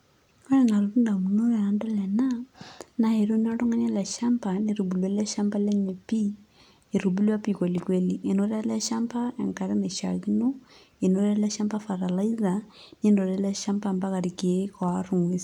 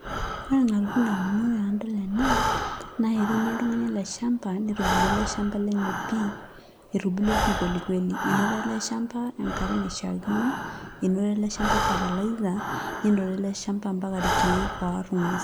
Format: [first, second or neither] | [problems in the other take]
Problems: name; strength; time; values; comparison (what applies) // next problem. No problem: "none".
first | background sound (Breathing); 4 dB below the speech